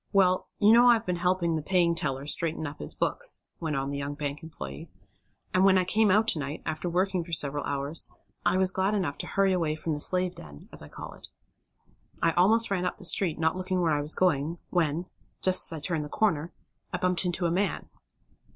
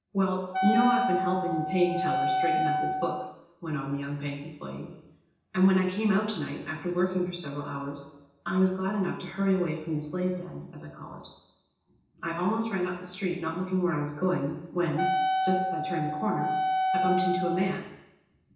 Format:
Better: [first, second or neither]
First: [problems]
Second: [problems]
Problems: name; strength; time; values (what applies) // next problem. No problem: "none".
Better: first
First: none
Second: background sound (Wind instrument, woodwind instrument); 1 dB above the speech // room echo; dies away in 0.9 s